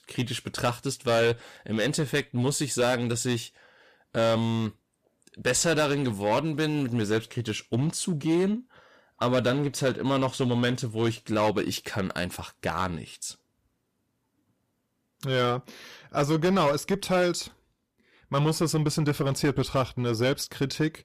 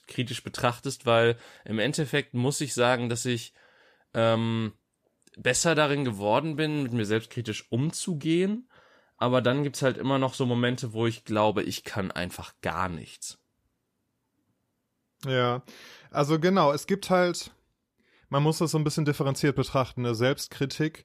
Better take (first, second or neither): second